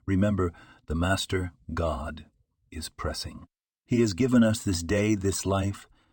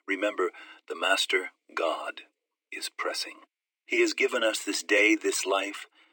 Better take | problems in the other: first | thin; very; fading below 300 Hz

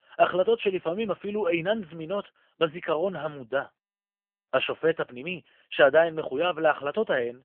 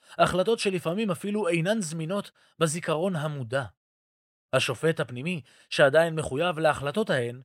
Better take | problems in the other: second | phone-call audio; poor line; nothing above 3 kHz

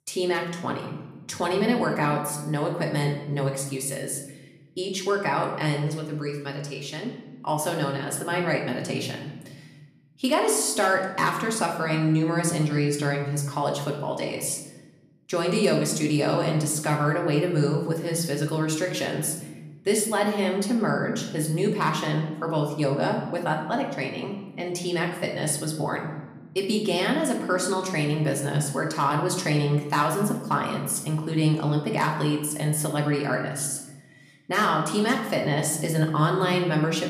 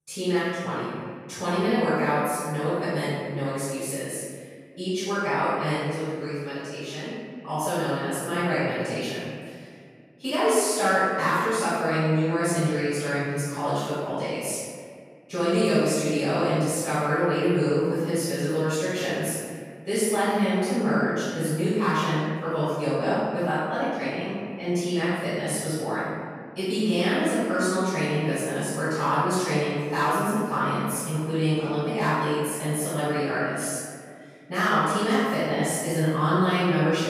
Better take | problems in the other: first | room echo; strong; dies away in 1.7 s; slight in the first // off-mic speech; far; somewhat distant in the first

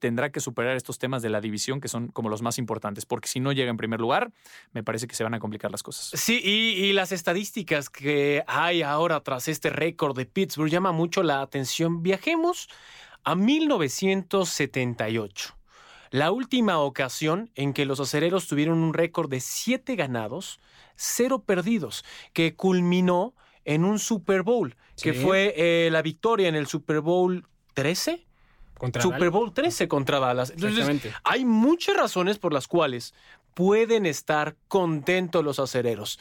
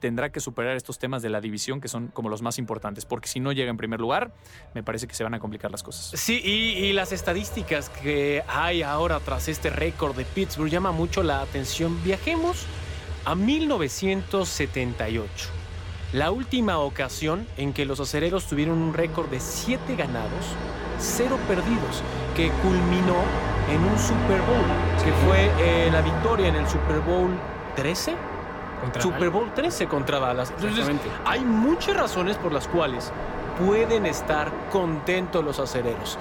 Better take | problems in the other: first | traffic noise; loud; throughout; 4 dB below the speech

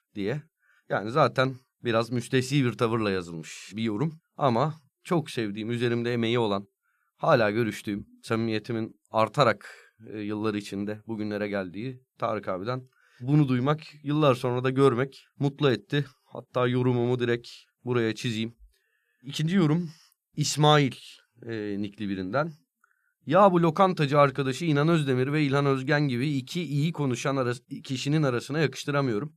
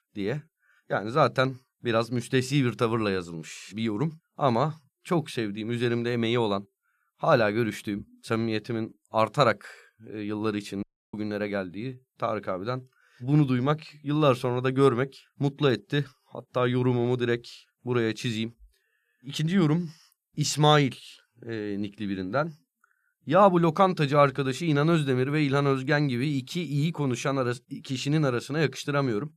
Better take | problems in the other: first | audio cutting out; at 11 s

